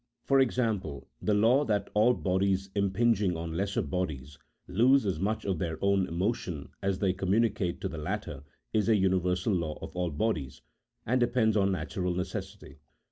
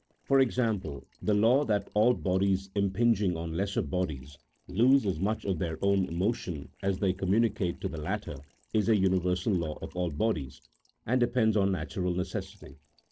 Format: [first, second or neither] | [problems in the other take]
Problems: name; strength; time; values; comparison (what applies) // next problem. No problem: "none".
first | noise reduction (neural separator model SepFormer DNS4)